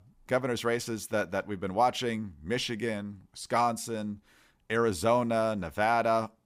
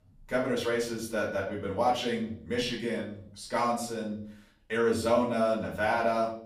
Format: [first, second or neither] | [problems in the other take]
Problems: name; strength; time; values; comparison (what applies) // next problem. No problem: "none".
first | room echo; slight; dies away in 0.5 s // off-mic speech; far